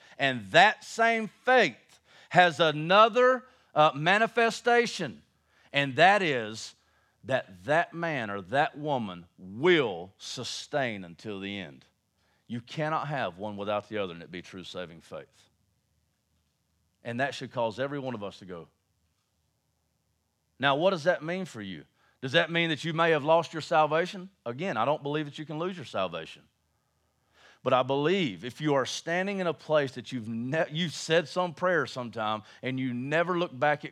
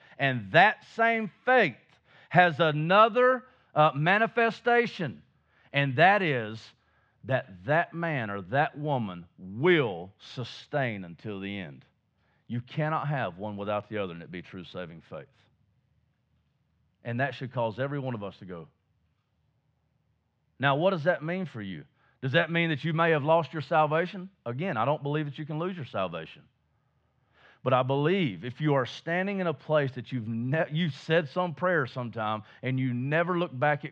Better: first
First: none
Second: muffled; slightly; fading above 2.5 kHz

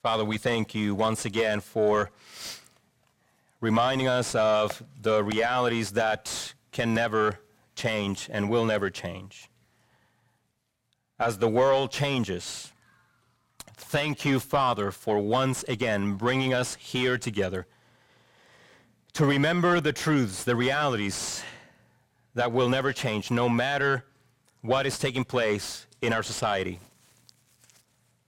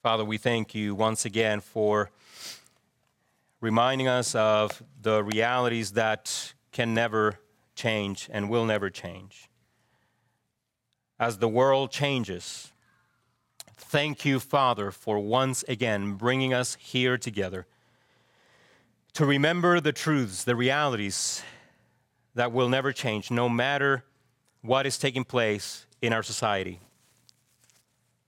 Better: second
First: distortion; slight; 10 dB below the speech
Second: none

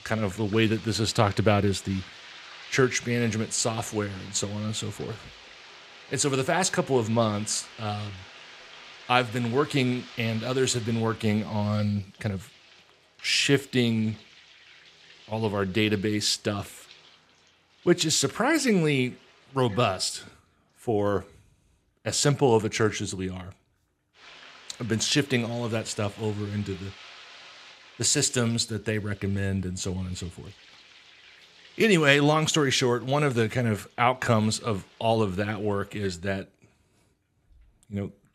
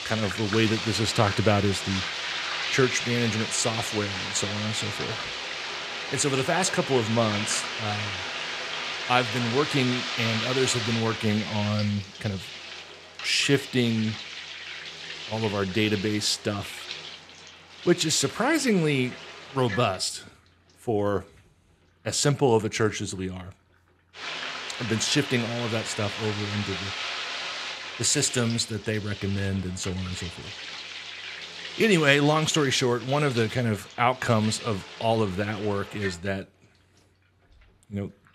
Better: first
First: household noises; faint; throughout; 20 dB below the speech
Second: household noises; loud; throughout; 6 dB below the speech

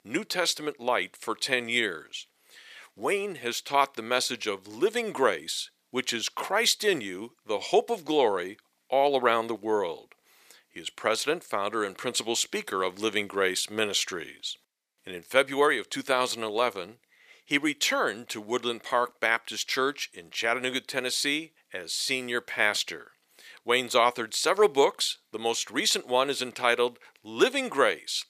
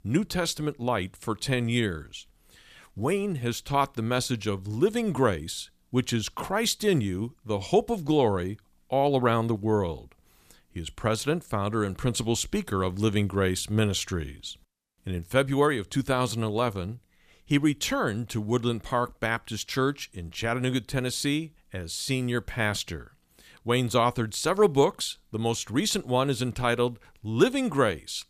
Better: second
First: thin; somewhat; fading below 450 Hz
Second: none

